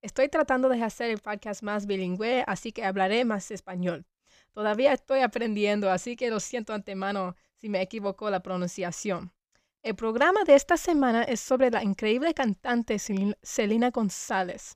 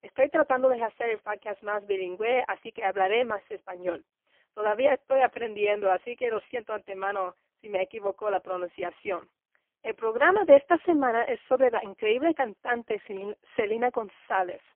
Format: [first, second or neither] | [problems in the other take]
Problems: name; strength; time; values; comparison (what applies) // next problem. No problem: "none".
first | phone-call audio; poor line; nothing above 3 kHz